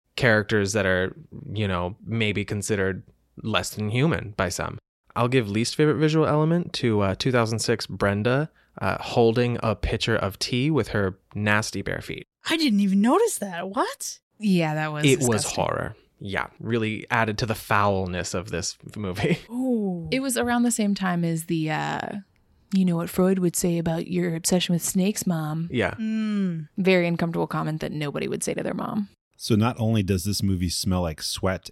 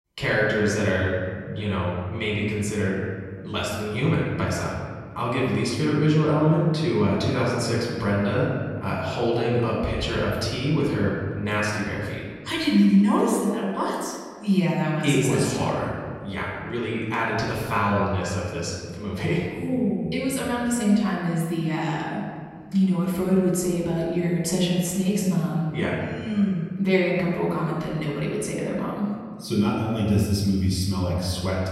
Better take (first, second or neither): first